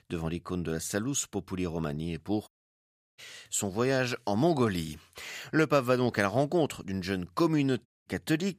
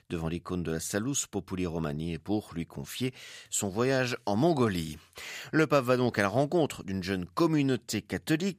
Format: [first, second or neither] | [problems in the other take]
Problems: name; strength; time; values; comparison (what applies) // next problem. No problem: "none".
second | audio cutting out; at 2.5 s for 0.5 s and at 8 s